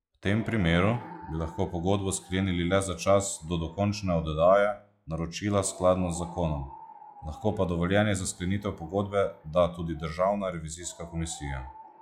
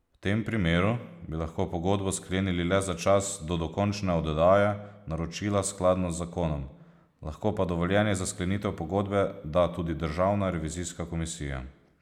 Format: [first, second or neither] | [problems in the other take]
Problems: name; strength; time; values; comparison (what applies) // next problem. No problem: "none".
second | noise reduction (classical method log-MMSE)